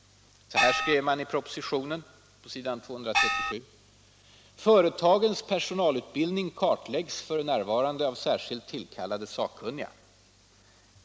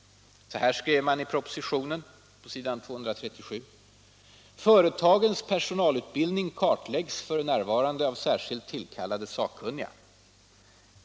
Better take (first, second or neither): second